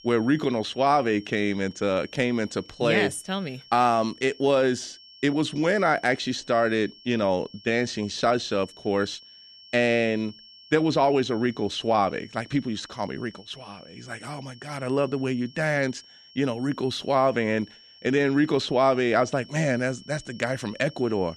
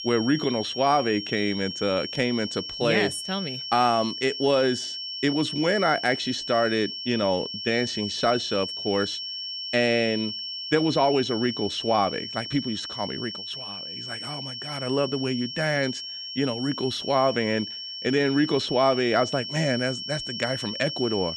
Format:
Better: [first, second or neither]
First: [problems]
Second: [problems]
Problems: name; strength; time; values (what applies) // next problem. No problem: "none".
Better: first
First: high-pitched whine; faint; throughout; 5.5 kHz, 25 dB below the speech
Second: high-pitched whine; loud; throughout; 5.5 kHz, 6 dB below the speech